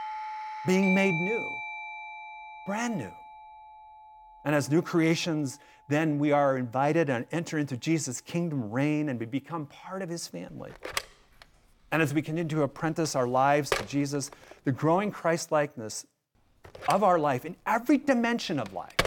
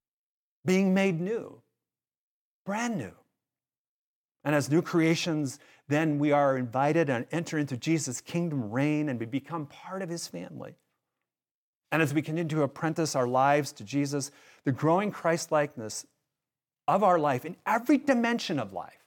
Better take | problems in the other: second | alarms or sirens; loud; throughout; 7 dB below the speech

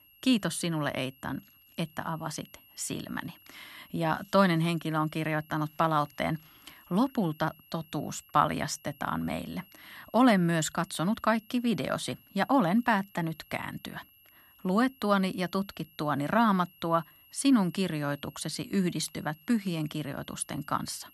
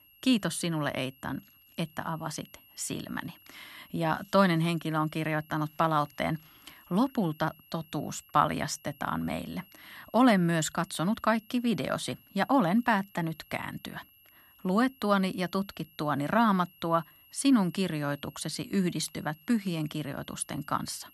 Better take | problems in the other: neither | high-pitched whine; faint; throughout; 11.5 kHz, 25 dB below the speech; the same in both

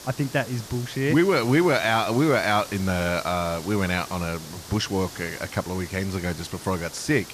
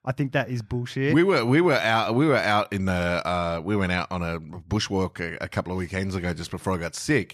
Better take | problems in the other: second | hiss; noticeable; throughout; 15 dB below the speech

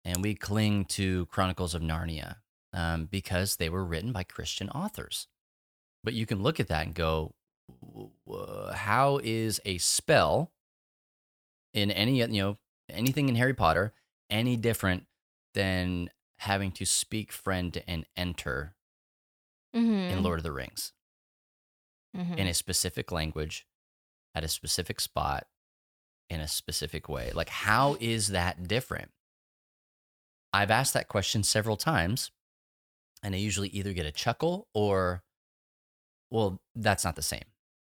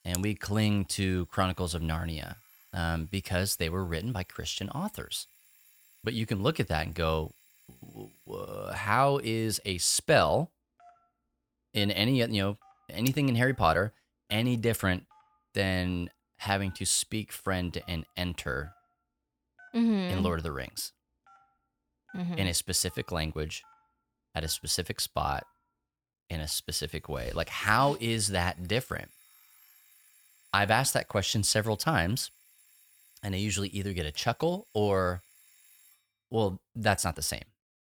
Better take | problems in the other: first | alarms or sirens; faint; throughout; 30 dB below the speech

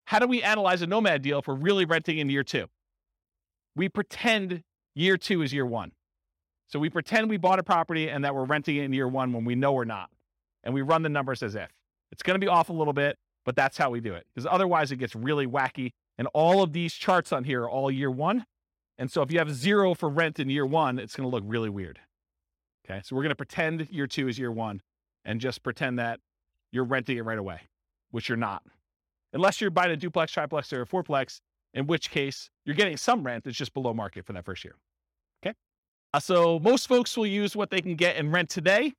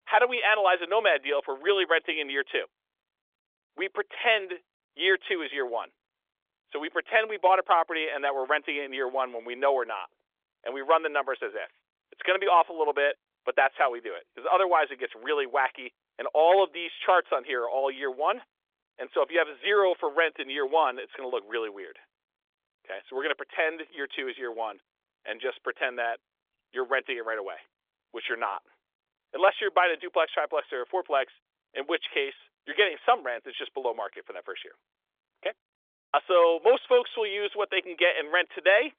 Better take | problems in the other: first | phone-call audio; nothing above 3.5 kHz

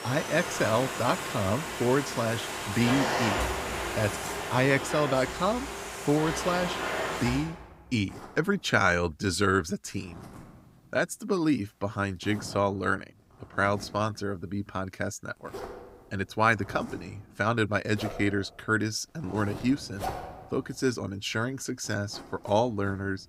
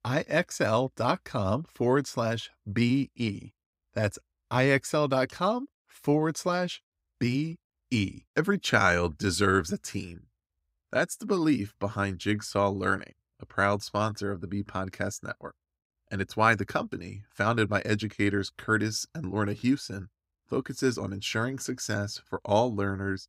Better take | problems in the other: second | household noises; loud; throughout; 5 dB below the speech

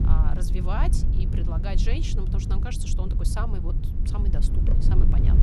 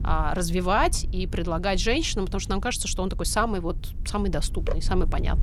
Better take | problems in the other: second | low rumble; loud; throughout; 3 dB below the speech; faint in the second

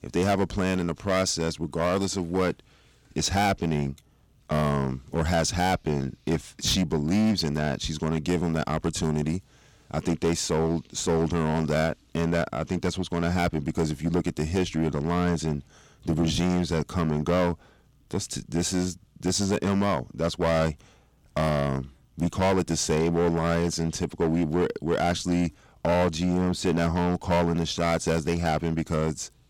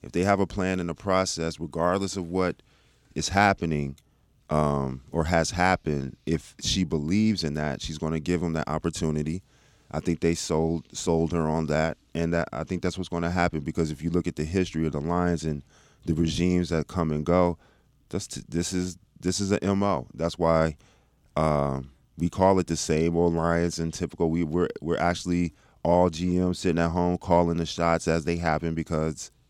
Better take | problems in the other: second | distortion; heavy; 9% of the sound clipped

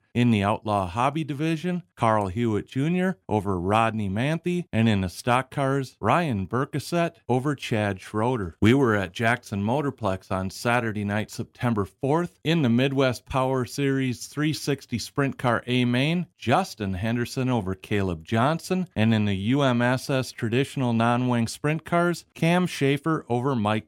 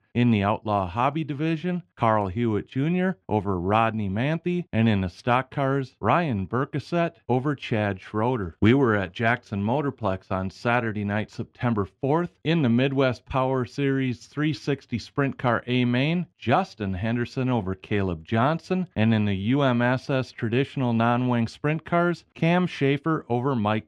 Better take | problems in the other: first | muffled; very slightly; fading above 3.5 kHz

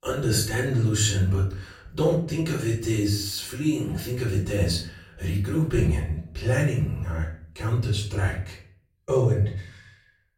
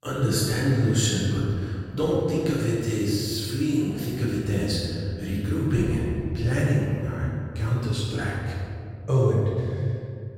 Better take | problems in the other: first | room echo; strong; dies away in 2.3 s; slight in the first // off-mic speech; far; far in the first

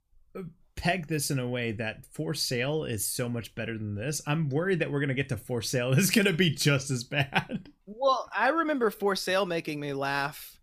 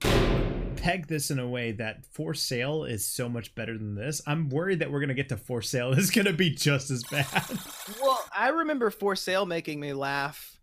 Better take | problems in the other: first | door banging; loud; at the start; peak 4 dB above the speech // alarm; noticeable; from 7 to 8.5 s; peak 9 dB below the speech

